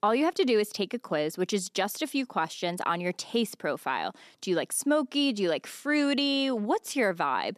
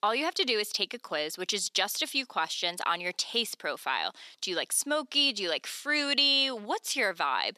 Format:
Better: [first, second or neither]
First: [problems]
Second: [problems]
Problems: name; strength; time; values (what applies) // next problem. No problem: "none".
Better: first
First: none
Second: thin; somewhat; fading below 1 kHz